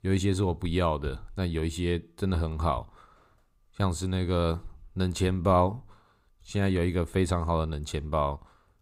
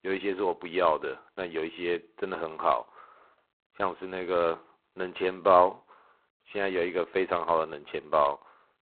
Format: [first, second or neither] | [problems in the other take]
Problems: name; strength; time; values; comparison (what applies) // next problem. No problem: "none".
first | phone-call audio; poor line; nothing above 4 kHz